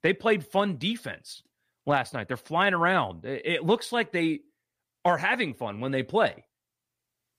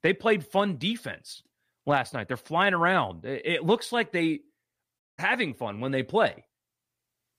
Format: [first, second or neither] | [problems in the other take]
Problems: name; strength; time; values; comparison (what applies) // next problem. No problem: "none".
first | audio cutting out; at 5 s